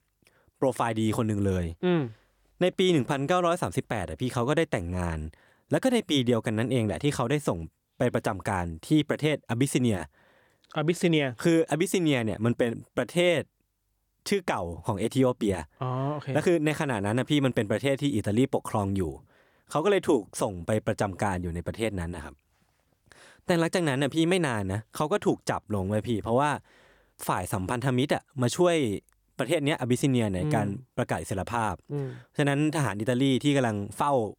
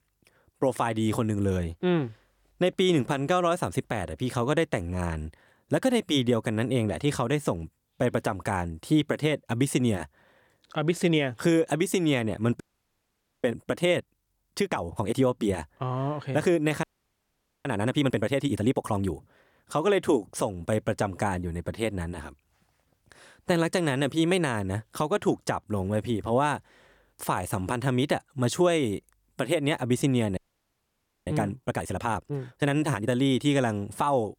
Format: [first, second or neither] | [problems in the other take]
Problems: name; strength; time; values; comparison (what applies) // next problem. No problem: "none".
first | audio freezing; at 13 s for 1 s, at 17 s for 1 s and at 30 s for 1 s